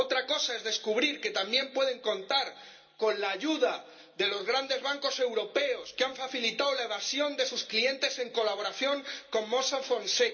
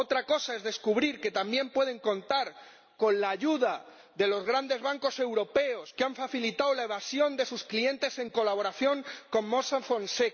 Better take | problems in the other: second | room echo; dies away in 0.2 s

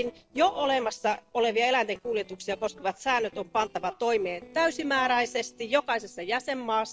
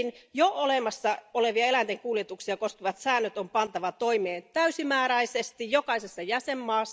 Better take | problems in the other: second | noise reduction (neural separator model SepFormer DNS4)

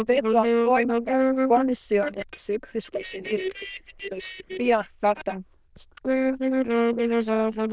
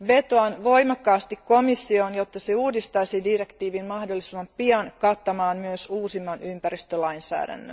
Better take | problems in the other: second | noise reduction (neural diffusion model UNIVERSE++)

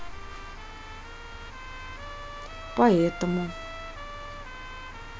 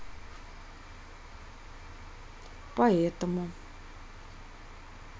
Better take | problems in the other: second | background sound (Trumpet); 13 dB below the speech

